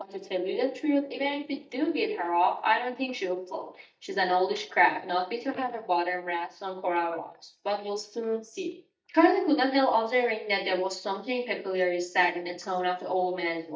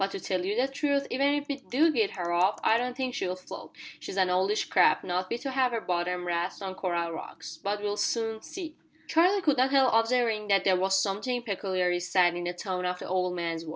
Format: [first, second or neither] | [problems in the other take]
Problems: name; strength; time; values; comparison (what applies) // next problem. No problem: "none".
second | noise reduction (neural mask model DeepFilterNet 3)